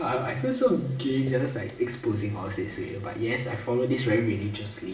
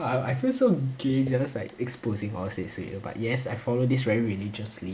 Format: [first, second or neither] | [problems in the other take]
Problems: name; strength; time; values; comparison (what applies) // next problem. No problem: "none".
second | room echo; dies away in 0.6 s